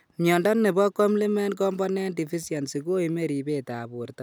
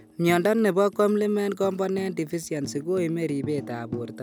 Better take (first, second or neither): first